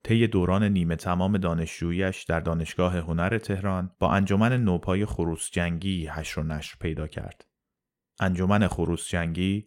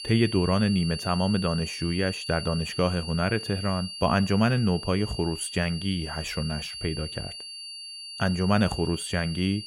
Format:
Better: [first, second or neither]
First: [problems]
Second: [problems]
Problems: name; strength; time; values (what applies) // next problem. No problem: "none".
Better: first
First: none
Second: high-pitched whine; loud; throughout; 4.5 kHz, 9 dB below the speech